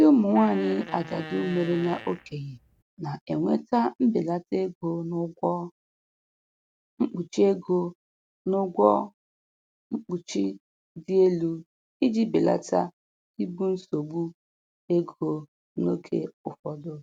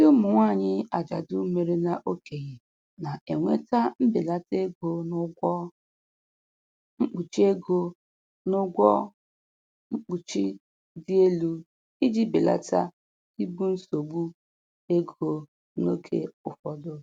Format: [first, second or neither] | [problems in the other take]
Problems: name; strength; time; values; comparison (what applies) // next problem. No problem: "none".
second | background sound (Fart); 14 dB below the speech